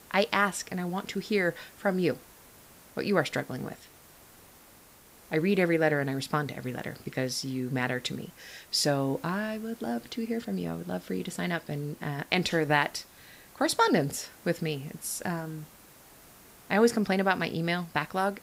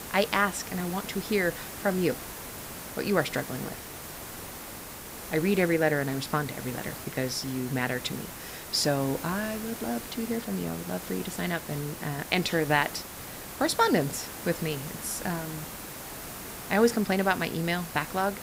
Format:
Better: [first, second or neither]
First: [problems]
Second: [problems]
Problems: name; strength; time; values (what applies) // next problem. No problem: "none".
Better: first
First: hiss; faint; throughout; 25 dB below the speech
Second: hiss; loud; throughout; 10 dB below the speech